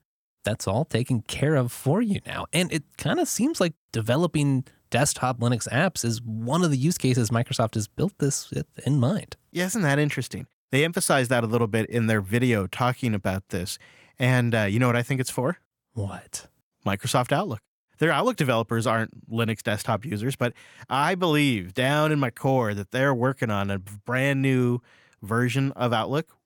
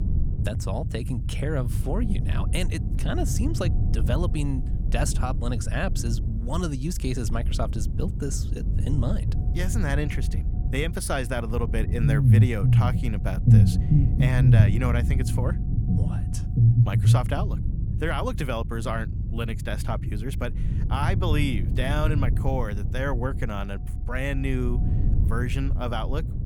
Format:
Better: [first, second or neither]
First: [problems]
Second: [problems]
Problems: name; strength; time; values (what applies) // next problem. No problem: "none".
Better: first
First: none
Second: low rumble; loud; throughout; 5 dB below the speech